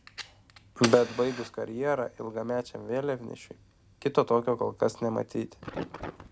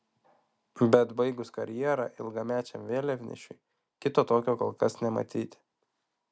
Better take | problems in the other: second | background sound (Fire); 13 dB below the speech

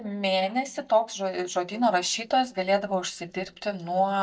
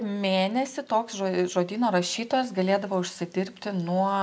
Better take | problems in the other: second | noise reduction (neural mask model DeepFilterNet 3)

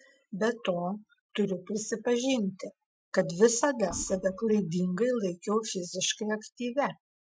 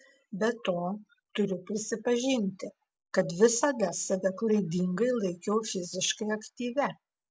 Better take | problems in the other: second | noise reduction (classical method Wiener filter)

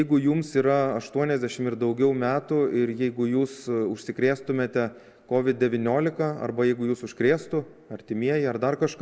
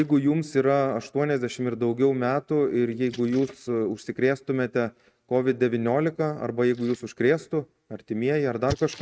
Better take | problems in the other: first | noise reduction (neural mask model RNNoise)

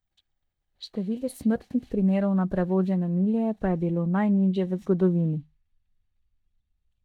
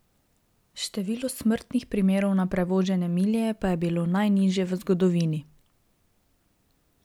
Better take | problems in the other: second | noise reduction (neural mask model DeepFilterNet 3)

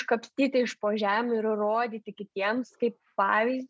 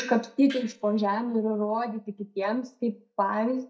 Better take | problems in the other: first | noise reduction (neural mask model DeepFilterNet 3)

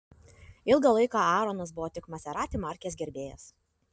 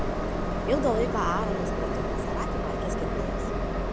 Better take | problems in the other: first | background sound (Train); 4 dB above the speech

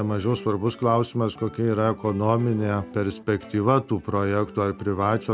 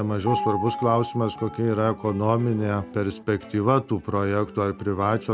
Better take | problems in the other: first | background sound (Piano); 11 dB below the speech

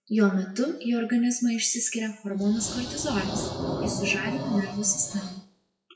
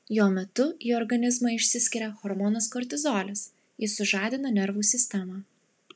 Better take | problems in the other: second | noise reduction (classical method WPE with log-MMSE)

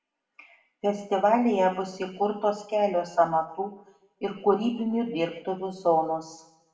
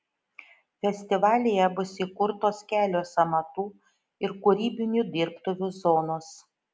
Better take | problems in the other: second | room echo; dies away in 0.6 s

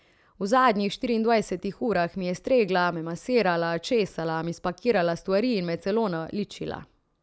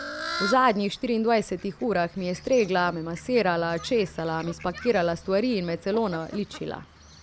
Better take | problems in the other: first | background sound (Fowl); 14 dB below the speech

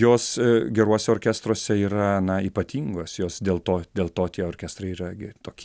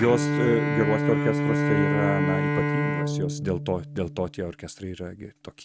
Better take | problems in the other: first | noise reduction (neural mask model RNNoise)

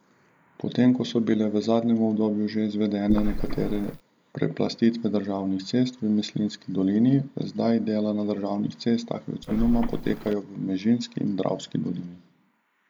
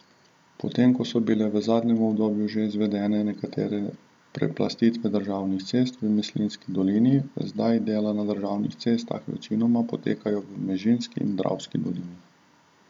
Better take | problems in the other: second | noise reduction (neural mask model Resemble Enhance denoiser)

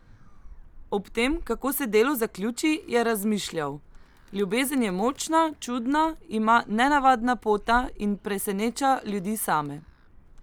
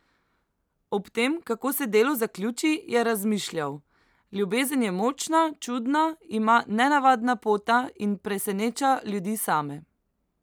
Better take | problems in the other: second | background sound (Animal); 19 dB below the speech

